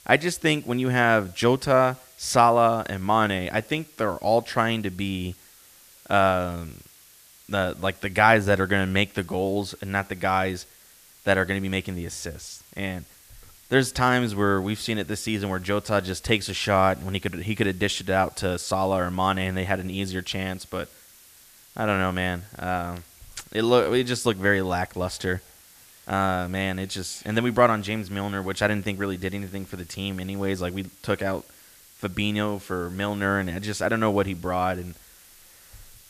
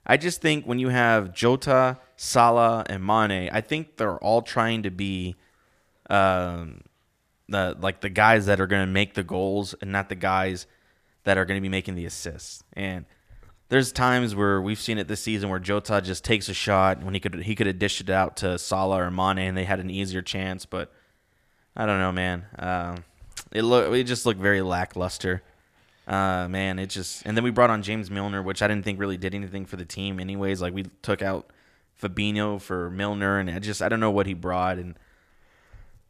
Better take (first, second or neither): second